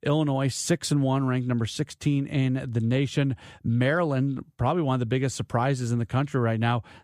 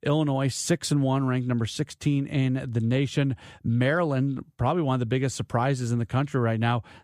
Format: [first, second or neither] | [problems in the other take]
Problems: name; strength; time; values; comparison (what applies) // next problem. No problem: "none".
neither | none